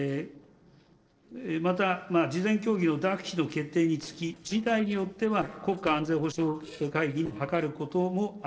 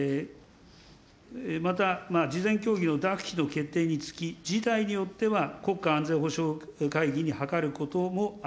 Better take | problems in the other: second | noise reduction (neural separator model SepFormer DNS4)

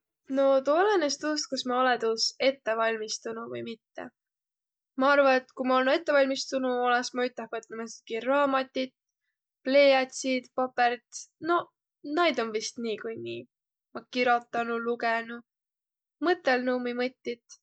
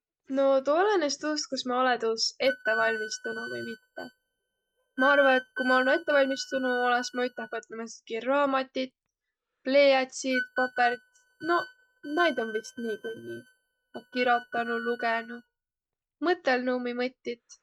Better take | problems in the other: first | noise reduction (neural mask model RNNoise)

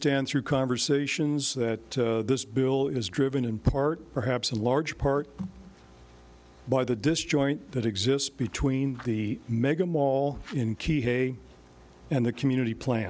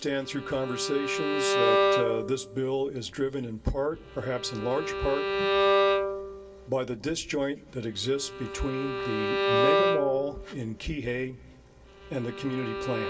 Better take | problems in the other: first | background sound (Bowed string instrument); 2 dB above the speech // room echo; dies away in 0.1 s

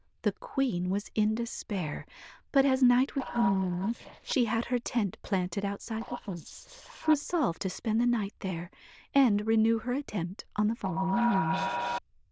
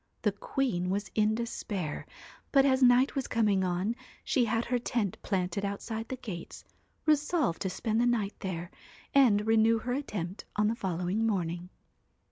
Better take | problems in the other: second | noise reduction (neural diffusion model UNIVERSE++)

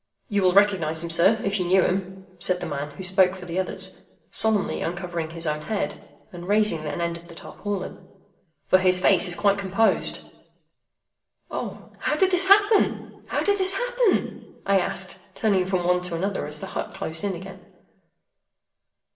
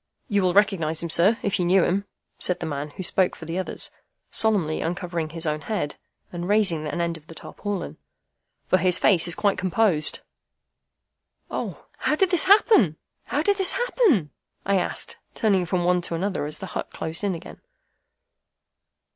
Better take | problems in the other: second | room echo; dies away in 0.7 s

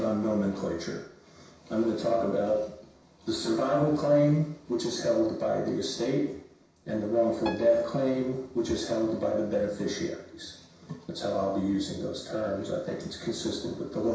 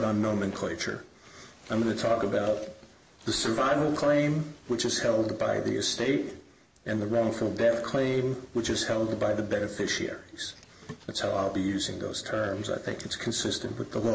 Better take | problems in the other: second | background sound (Piano); 17 dB below the speech // room echo; dies away in 0.6 s

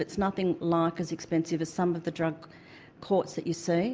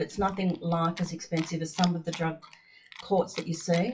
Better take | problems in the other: first | noise reduction (classical method WPE with log-MMSE)

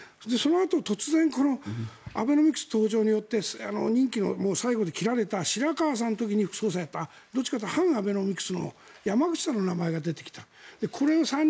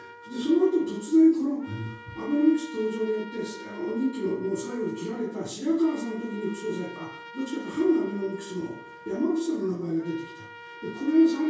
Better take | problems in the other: first | background sound (Trumpet); 18 dB below the speech // room echo; dies away in 0.6 s

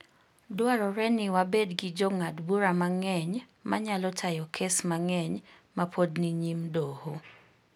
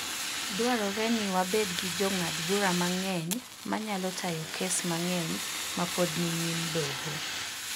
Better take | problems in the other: first | background sound (Fire); 3 dB below the speech

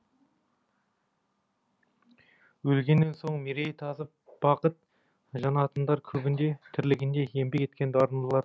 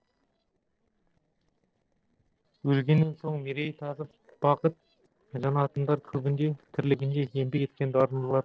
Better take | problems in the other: first | noise reduction (neural separator model SepFormer DNS4)

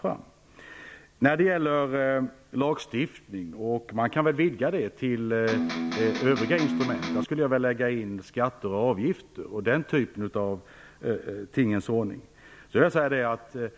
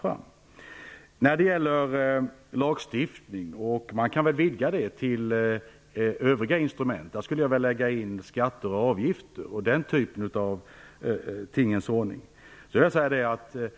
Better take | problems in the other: second | background sound (Electric guitar); 2 dB below the speech

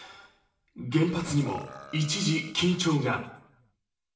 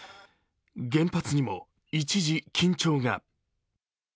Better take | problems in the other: second | background sound (Burping, eructation); 20 dB below the speech // room echo; dies away in 0.7 s

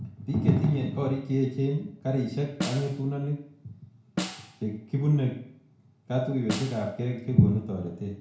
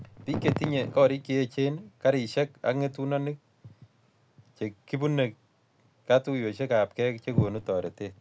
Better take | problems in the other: second | background sound (Snare drum); 11 dB below the speech // room echo; dies away in 0.6 s

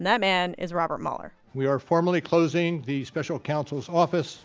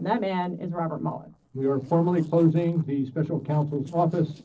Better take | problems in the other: first | noise reduction (neural separator model SepFormer DNS4)

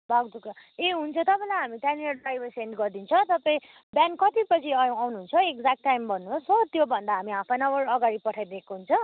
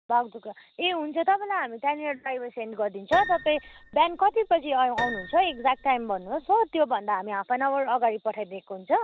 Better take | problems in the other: first | background sound (Piano); 13 dB below the speech

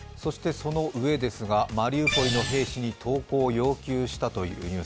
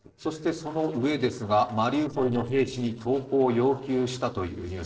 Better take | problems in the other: first | noise reduction (neural separator model SepFormer DNS4)

